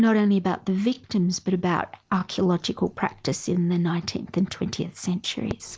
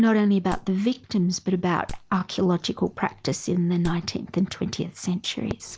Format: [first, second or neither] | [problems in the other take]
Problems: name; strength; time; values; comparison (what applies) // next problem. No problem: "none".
first | background sound (Wood); 15 dB below the speech